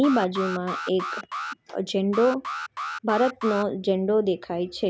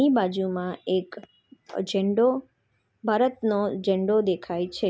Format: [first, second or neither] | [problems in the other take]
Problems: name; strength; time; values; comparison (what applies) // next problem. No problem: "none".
second | background sound (Alarm); 8 dB below the speech